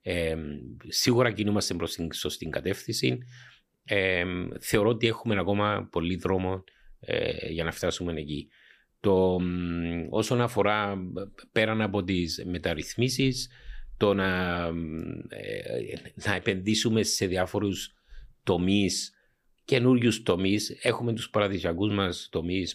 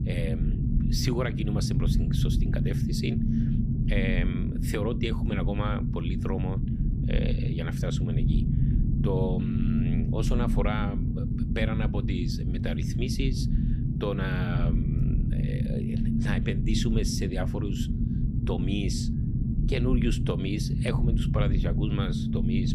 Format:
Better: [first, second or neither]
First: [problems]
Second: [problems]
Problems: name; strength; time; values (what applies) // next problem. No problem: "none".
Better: first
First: none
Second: low rumble; loud; throughout; 2 dB below the speech